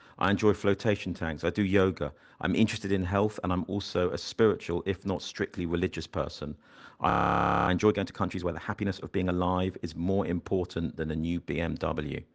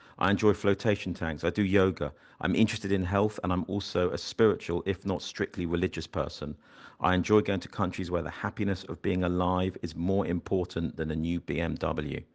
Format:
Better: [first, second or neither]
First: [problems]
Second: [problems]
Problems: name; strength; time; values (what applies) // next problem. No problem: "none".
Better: second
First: audio freezing; at 7 s for 0.5 s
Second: none